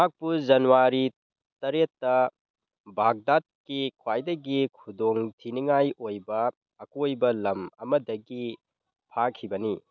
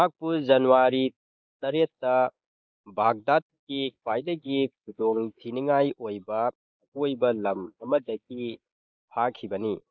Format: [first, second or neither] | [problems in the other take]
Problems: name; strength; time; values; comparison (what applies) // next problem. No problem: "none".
first | noise reduction (neural mask model Resemble Enhance denoiser)